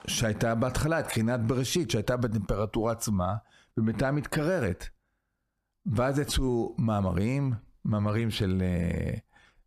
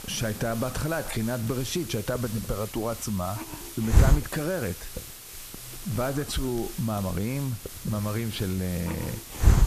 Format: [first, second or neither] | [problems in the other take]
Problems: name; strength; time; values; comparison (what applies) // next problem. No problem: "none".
first | hiss; loud; throughout; 3 dB below the speech